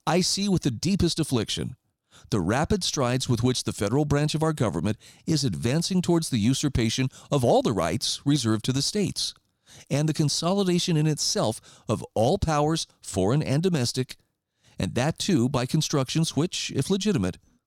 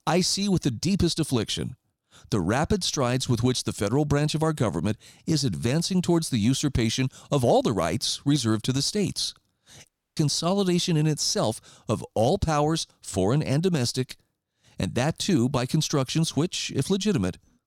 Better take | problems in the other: first | audio cutting out; at 10 s

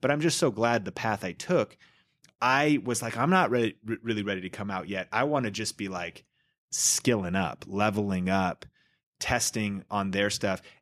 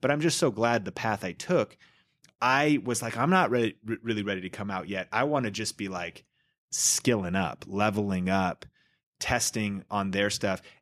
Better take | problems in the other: neither | none

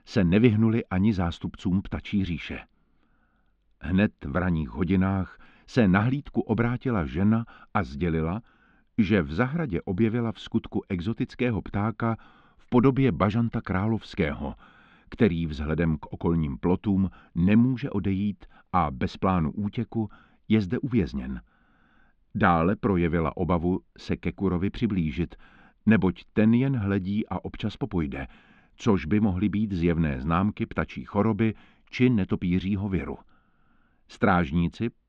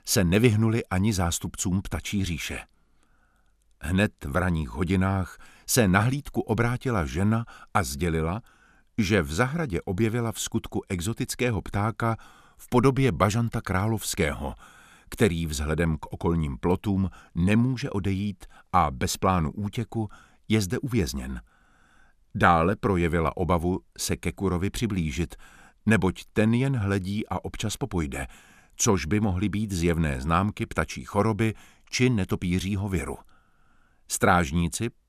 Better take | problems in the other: second | muffled; very; fading above 3.5 kHz

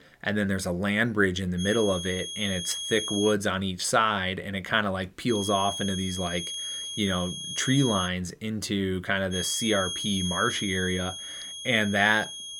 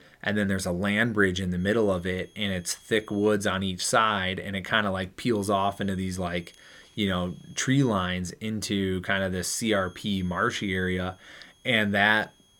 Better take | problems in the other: second | high-pitched whine; loud; from 1.5 to 3.5 s, from 5.5 to 8 s and from 9.5 s on; 3.5 kHz, 5 dB below the speech; faint in the second

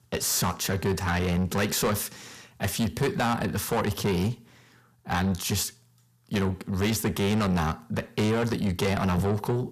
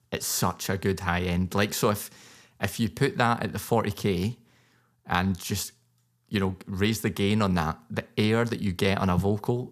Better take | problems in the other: second | distortion; heavy; 7 dB below the speech

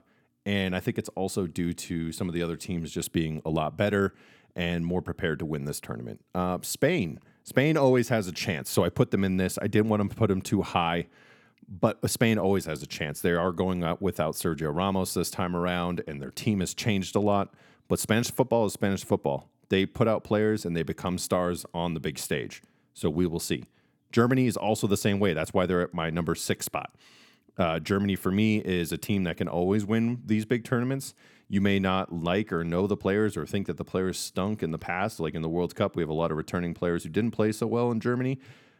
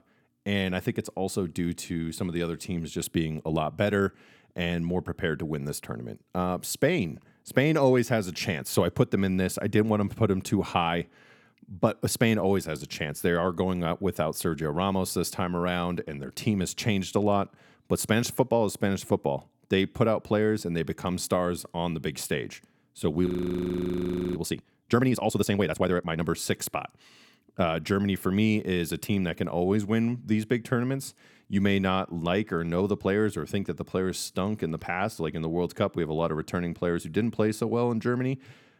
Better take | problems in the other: first | audio freezing; at 23 s for 1 s

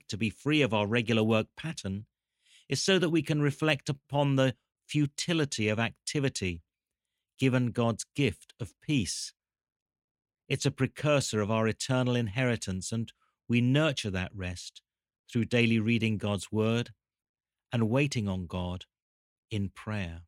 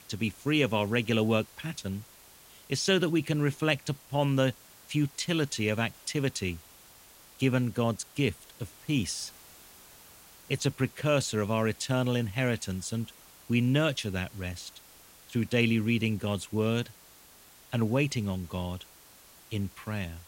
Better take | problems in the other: first | hiss; faint; throughout; 20 dB below the speech

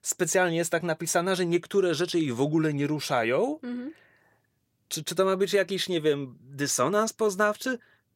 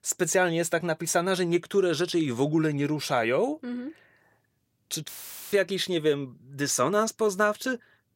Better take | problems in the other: first | audio cutting out; filled with static; at 5 s

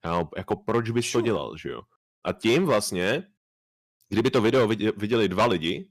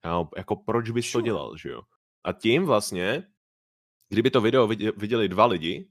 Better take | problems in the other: second | distortion; slight; 5% of the sound clipped

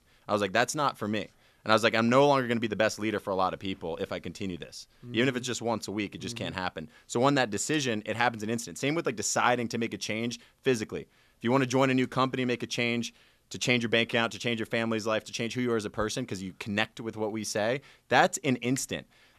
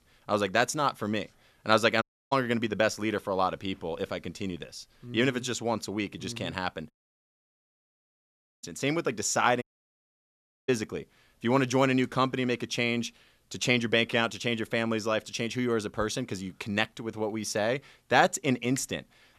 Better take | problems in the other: first | audio cutting out; at 2 s, at 7 s for 1.5 s and at 9.5 s for 1 s

